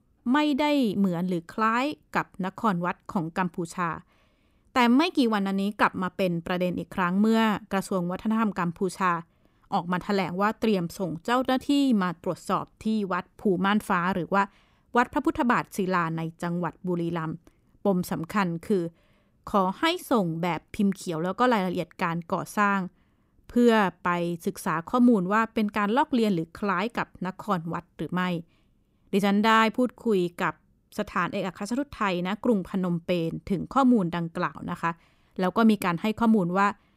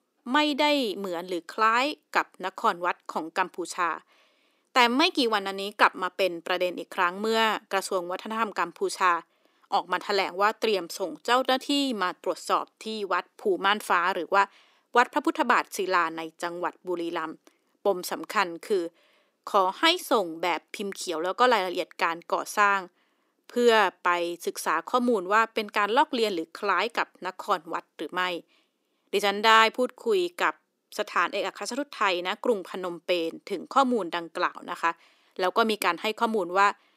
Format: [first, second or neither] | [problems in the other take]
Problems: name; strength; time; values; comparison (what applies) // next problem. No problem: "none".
first | thin; somewhat; fading below 300 Hz